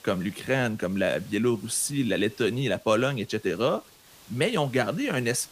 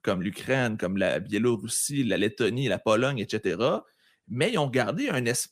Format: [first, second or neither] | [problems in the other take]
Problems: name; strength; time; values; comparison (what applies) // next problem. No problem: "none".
second | hiss; faint; throughout; 25 dB below the speech